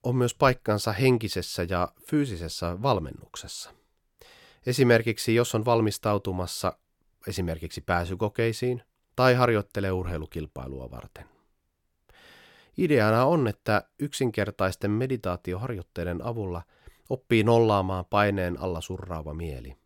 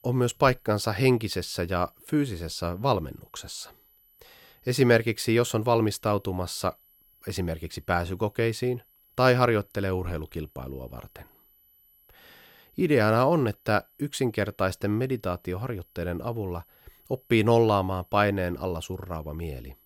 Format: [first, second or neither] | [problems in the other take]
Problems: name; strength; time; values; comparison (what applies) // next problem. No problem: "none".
first | high-pitched whine; faint; throughout; 12 kHz, 30 dB below the speech